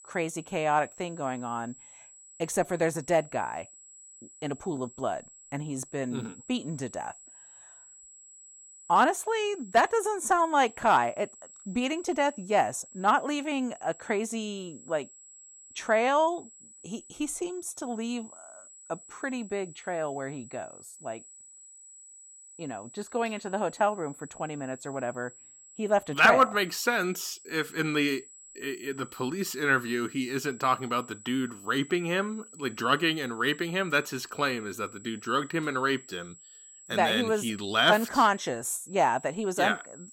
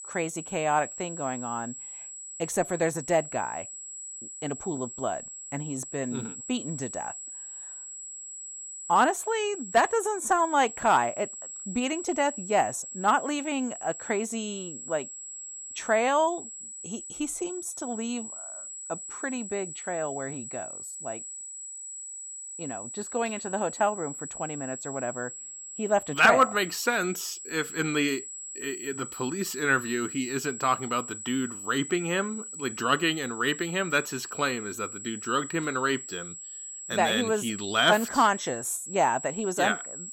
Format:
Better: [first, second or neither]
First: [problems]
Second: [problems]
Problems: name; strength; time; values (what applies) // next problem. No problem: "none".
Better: first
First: high-pitched whine; faint; throughout; 7.5 kHz, 20 dB below the speech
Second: high-pitched whine; loud; throughout; 7.5 kHz, 9 dB below the speech